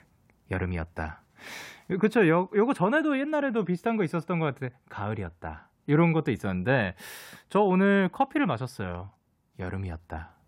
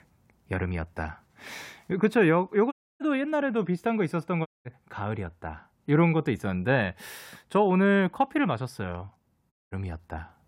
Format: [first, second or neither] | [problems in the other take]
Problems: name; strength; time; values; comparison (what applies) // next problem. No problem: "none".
first | audio cutting out; at 2.5 s, at 4.5 s and at 9.5 s